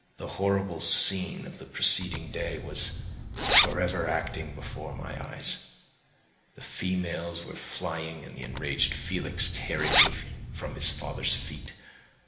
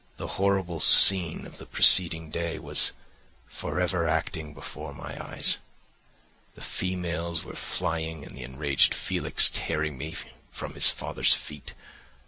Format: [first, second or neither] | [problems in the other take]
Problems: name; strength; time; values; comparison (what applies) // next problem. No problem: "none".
second | background sound (Zipper (clothing)); 2 dB above the speech // room echo; dies away in 1.1 s